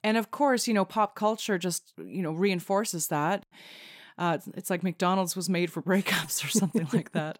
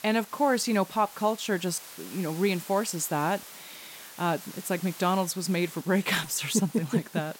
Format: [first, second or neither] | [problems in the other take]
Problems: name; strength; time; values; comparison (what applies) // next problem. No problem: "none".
first | hiss; noticeable; throughout; 15 dB below the speech